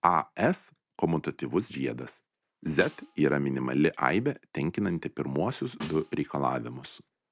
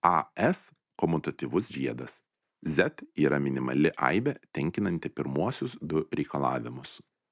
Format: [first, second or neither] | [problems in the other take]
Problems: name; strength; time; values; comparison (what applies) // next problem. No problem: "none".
second | background sound (Snare drum); 18 dB below the speech